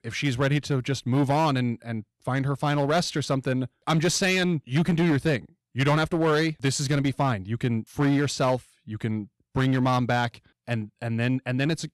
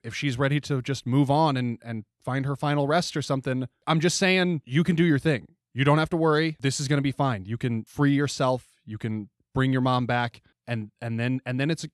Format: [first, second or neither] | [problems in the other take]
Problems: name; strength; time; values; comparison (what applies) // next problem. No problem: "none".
second | distortion; slight; 9% of the sound clipped